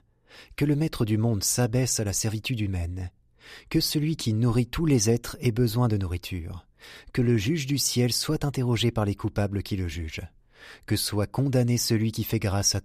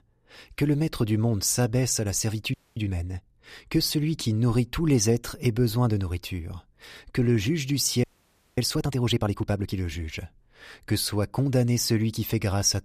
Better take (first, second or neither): first